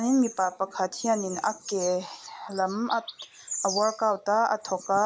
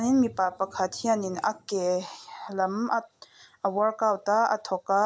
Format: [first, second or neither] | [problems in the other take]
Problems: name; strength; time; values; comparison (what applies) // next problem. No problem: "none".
second | noise reduction (neural mask model Resemble Enhance denoiser)